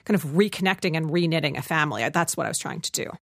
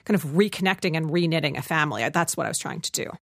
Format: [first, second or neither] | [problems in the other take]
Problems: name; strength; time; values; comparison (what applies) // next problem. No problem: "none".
neither | none